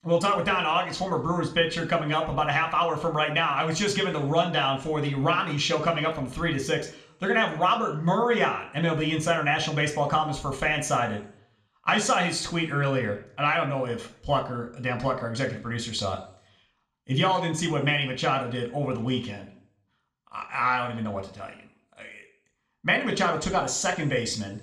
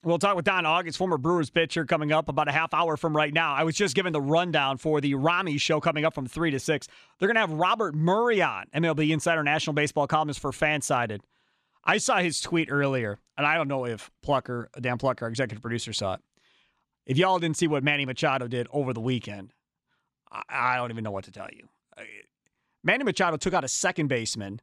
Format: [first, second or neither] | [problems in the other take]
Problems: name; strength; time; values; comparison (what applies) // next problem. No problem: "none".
second | room echo; very slight; dies away in 0.4 s